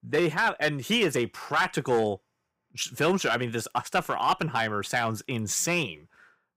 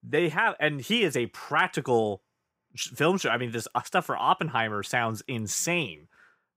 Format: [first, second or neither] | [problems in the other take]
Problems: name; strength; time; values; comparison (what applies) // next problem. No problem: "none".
second | distortion; slight; 3% of the sound clipped